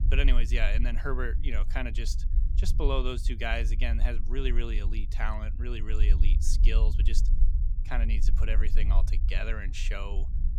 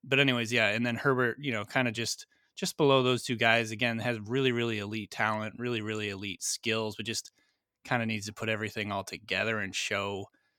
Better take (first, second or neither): second